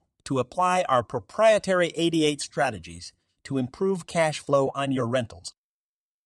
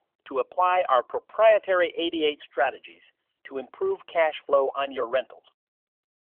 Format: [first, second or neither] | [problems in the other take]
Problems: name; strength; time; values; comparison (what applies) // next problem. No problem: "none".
first | phone-call audio; nothing above 3 kHz